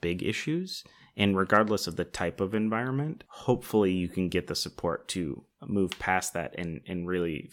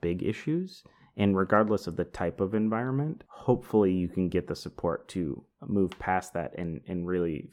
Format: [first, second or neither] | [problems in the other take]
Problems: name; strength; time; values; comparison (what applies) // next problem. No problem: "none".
first | muffled; slightly; fading above 2 kHz